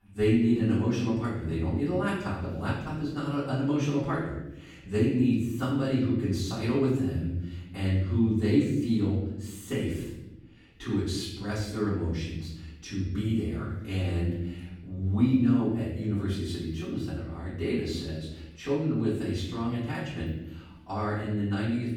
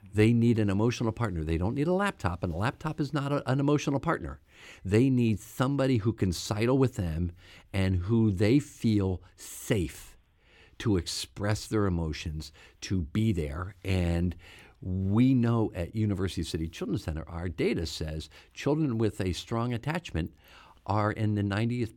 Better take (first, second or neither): second